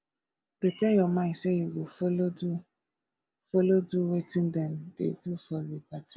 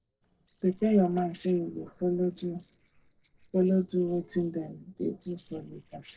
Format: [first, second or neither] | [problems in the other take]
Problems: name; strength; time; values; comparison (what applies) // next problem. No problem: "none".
first | noise reduction (neural separator model SepFormer DNS4)